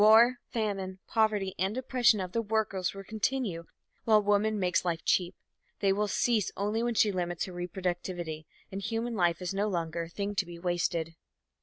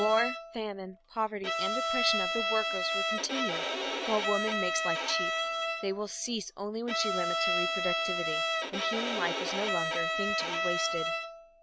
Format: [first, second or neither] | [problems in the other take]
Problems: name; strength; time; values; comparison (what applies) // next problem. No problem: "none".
first | background sound (Bowed string instrument); 3 dB above the speech